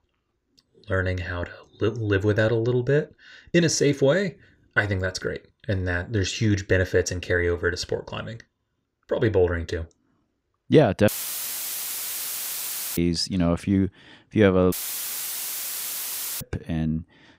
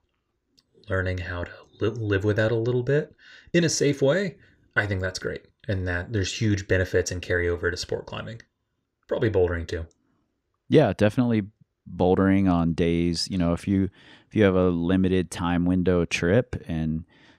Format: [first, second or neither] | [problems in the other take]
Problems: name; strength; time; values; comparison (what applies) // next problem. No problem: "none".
second | audio cutting out; filled with static; at 11 s for 2 s and at 15 s for 1.5 s